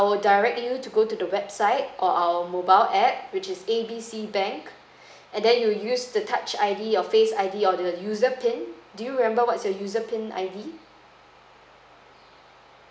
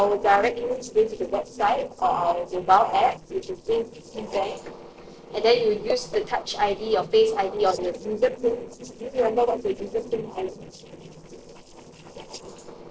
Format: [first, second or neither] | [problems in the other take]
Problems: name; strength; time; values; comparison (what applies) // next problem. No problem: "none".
first | noise reduction (neural separator model SepFormer DNS4)